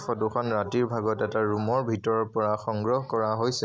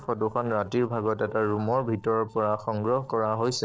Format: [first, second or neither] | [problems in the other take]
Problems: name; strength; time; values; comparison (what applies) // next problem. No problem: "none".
first | noise reduction (neural separator model SepFormer DNS4)